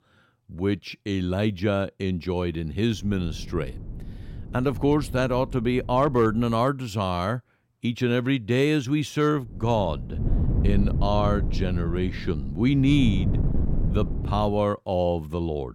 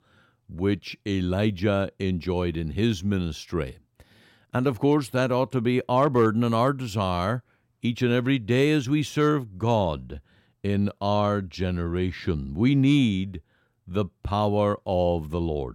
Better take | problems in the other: second | wind noise on the microphone; occasional gusts; from 3 to 6.5 s and from 9.5 to 15 s; 15 dB below the speech

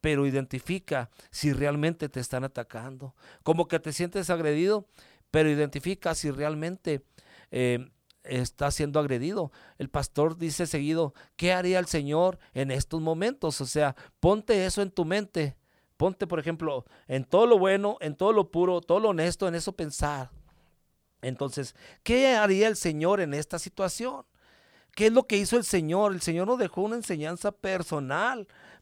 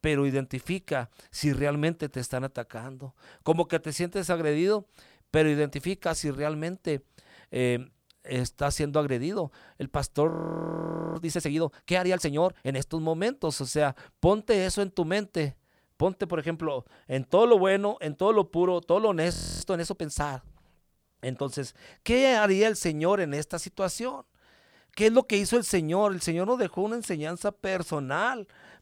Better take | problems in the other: first | audio freezing; at 10 s for 1 s and at 19 s

